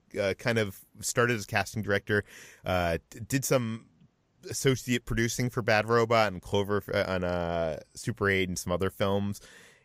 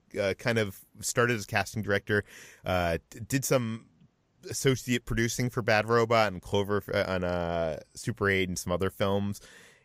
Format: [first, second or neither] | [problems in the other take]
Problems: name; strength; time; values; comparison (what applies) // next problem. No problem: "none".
neither | none